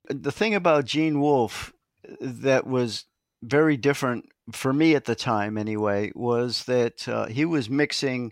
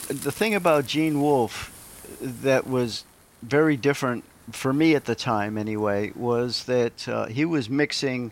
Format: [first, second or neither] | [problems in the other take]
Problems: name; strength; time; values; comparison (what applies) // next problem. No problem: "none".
first | hiss; faint; throughout; 20 dB below the speech